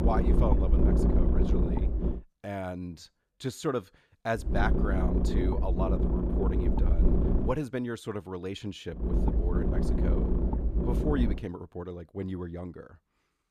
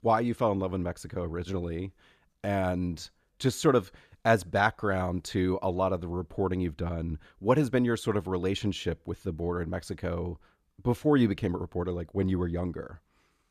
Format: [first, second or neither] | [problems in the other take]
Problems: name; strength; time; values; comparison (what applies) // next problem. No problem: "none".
second | low rumble; loud; until 2 s, from 4.5 to 7.5 s and from 9 to 11 s; as loud as the speech